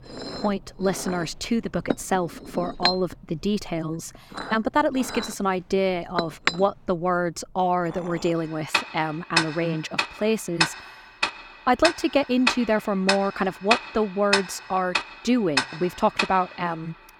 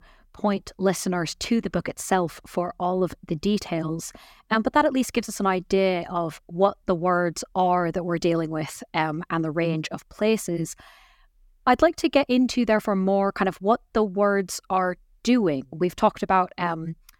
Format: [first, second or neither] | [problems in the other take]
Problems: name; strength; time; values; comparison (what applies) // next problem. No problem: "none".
second | household noises; loud; throughout; 2 dB below the speech